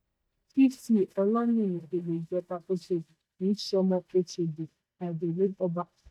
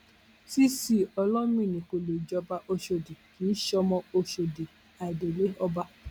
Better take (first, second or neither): second